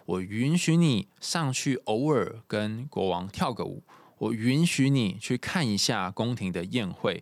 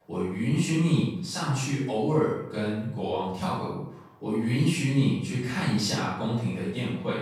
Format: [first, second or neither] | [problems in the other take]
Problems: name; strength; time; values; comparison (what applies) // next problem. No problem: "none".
first | room echo; strong; dies away in 0.6 s // off-mic speech; far